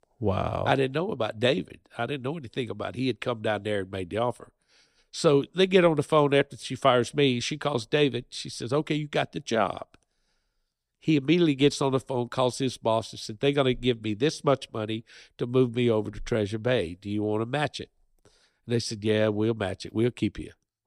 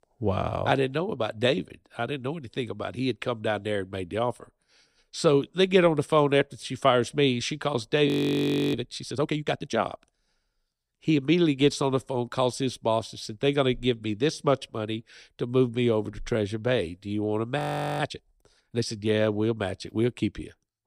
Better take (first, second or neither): first